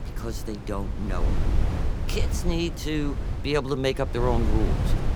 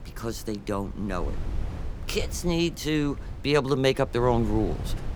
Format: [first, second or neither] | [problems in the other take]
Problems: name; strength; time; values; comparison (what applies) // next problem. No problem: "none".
second | wind noise on the microphone; heavy; 8 dB below the speech; occasional gusts in the second